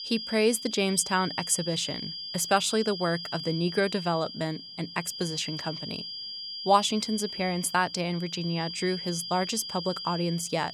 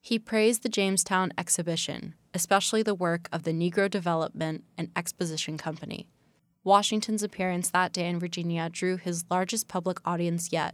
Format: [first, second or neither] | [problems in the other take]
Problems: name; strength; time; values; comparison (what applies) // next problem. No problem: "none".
second | high-pitched whine; loud; throughout; 5 kHz, 7 dB below the speech